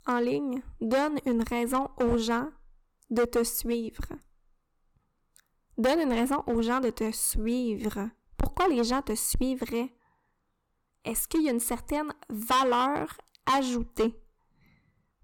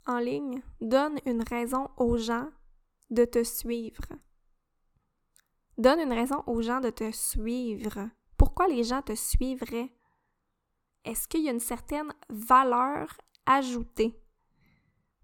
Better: second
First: distortion; heavy; 5% of the sound clipped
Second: none

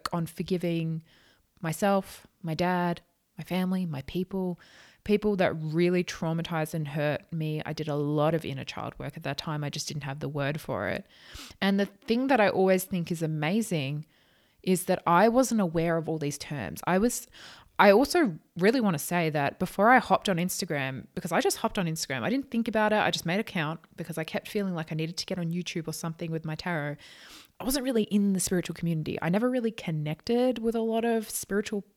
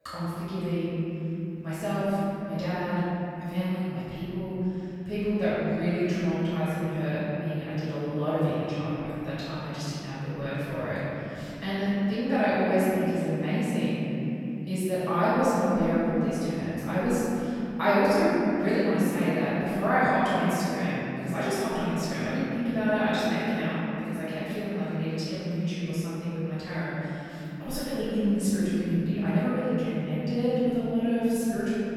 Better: first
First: none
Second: off-mic speech; far // room echo; strong; dies away in 3 s

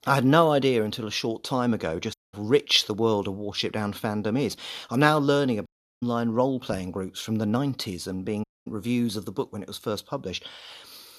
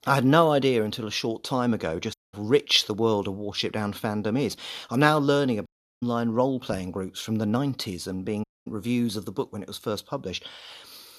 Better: neither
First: audio cutting out; at 2 s, at 5.5 s and at 8.5 s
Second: audio cutting out; at 2 s, at 5.5 s and at 8.5 s

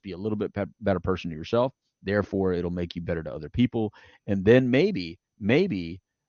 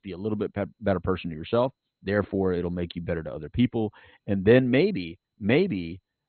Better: first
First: garbled, watery; slightly; nothing above 6.5 kHz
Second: garbled, watery; badly; nothing above 4 kHz

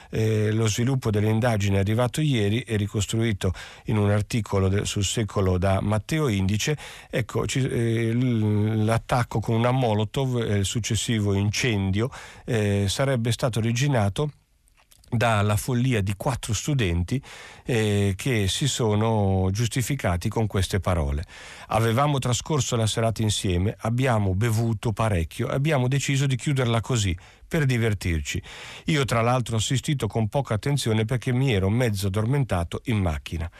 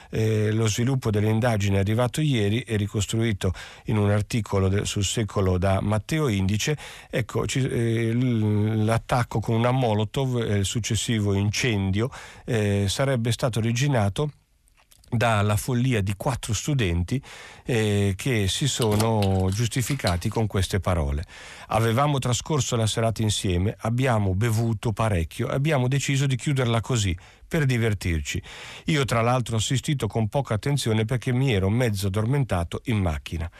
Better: first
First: none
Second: jangling keys; noticeable; from 19 to 20 s; peak 7 dB below the speech

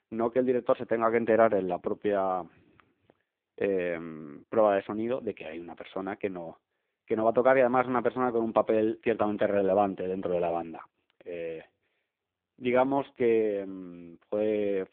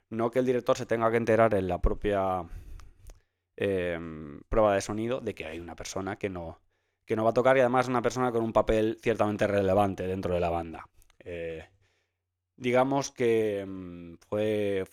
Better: second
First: phone-call audio; poor line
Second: none

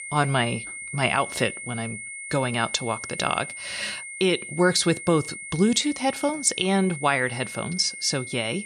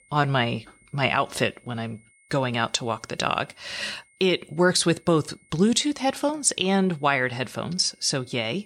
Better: second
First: high-pitched whine; loud; throughout; 2 kHz, 10 dB below the speech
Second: high-pitched whine; faint; throughout; 2 kHz, 35 dB below the speech

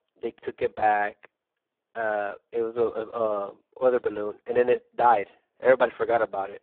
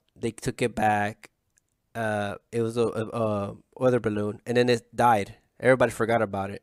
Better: second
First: phone-call audio; poor line; nothing above 3.5 kHz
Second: none

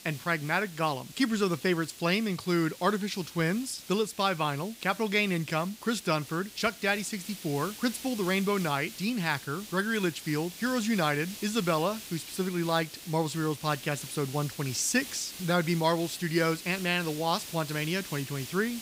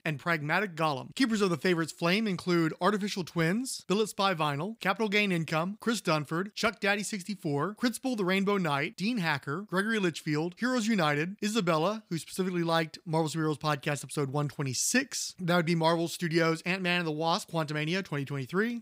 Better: second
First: hiss; noticeable; throughout; 15 dB below the speech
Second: none

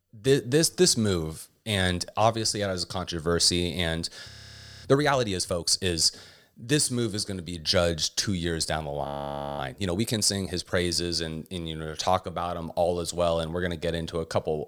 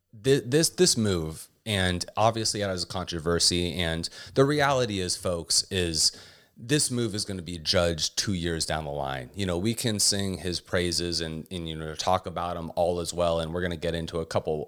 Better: second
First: audio freezing; at 4.5 s for 0.5 s and at 9 s for 0.5 s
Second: none

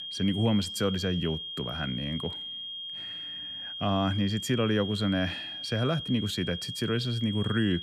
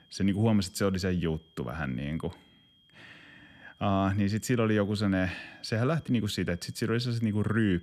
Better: second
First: high-pitched whine; loud; throughout; 3 kHz, 6 dB below the speech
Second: high-pitched whine; faint; throughout; 3 kHz, 30 dB below the speech

